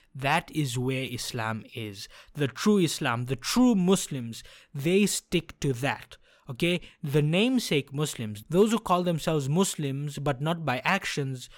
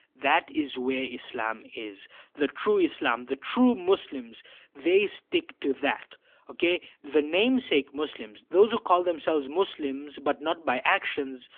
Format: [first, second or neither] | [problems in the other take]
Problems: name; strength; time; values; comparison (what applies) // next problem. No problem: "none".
first | phone-call audio; nothing above 3.5 kHz